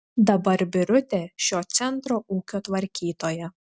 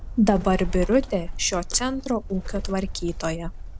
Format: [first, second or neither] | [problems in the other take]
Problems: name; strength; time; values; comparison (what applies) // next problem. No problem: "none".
first | background sound (Bird); 6 dB below the speech